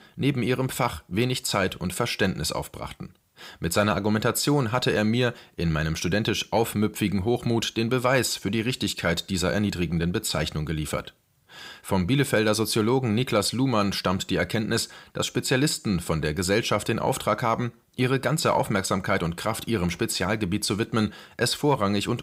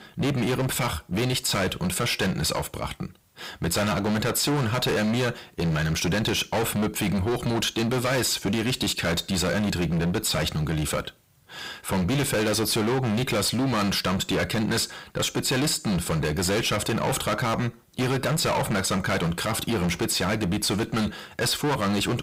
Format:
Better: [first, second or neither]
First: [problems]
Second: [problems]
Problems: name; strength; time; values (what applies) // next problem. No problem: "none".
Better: first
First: none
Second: distortion; heavy; 27% of the sound clipped